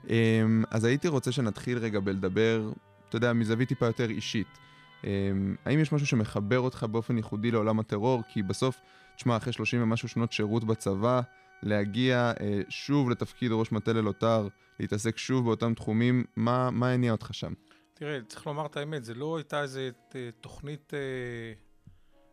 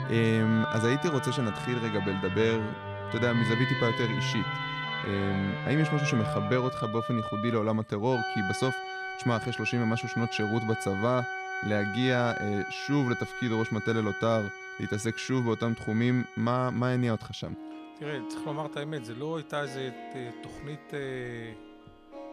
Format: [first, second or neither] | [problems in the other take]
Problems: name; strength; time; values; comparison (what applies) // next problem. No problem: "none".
first | background music; loud; throughout; 5 dB below the speech; faint in the first